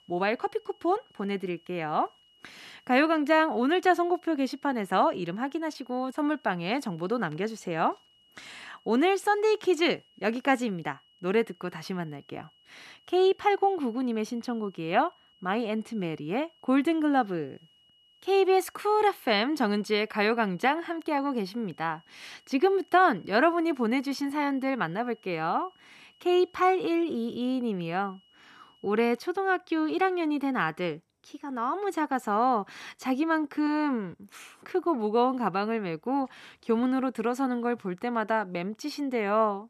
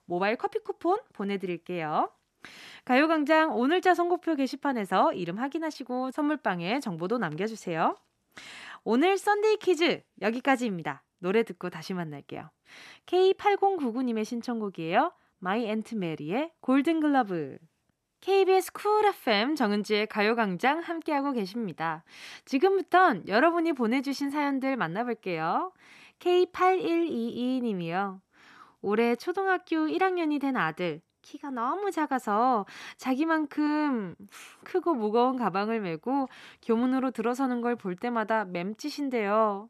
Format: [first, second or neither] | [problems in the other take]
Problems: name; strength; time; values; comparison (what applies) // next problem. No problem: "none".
second | high-pitched whine; faint; until 29 s; 3 kHz, 30 dB below the speech